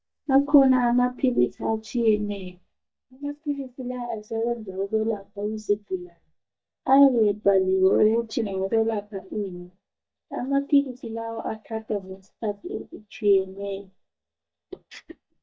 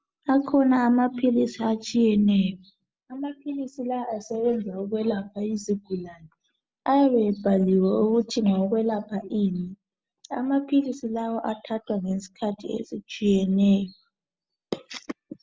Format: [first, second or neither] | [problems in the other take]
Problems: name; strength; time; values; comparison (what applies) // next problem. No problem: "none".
second | noise reduction (neural mask model DeepFilterNet 3)